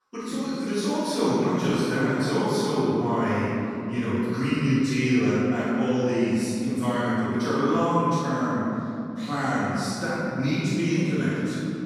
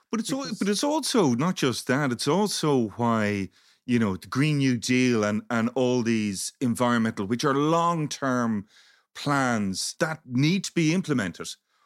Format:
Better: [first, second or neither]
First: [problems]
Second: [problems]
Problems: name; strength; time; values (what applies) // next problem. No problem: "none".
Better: second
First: room echo; strong; dies away in 2.7 s // off-mic speech; far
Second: none